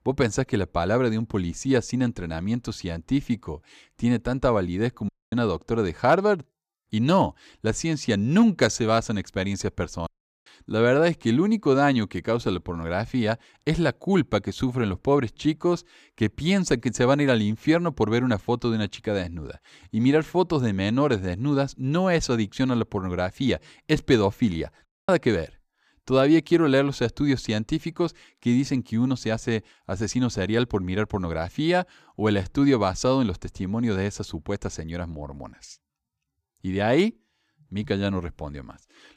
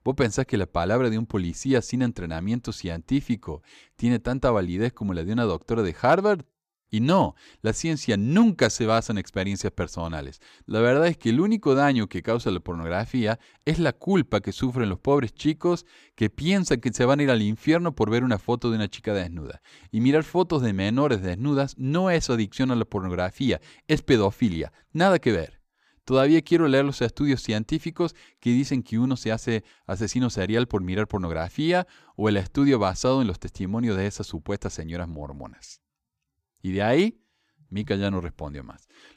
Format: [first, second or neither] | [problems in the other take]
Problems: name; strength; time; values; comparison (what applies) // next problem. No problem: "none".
second | audio cutting out; at 5 s, at 10 s and at 25 s